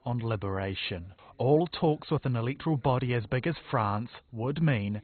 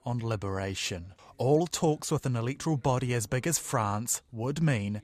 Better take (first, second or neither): second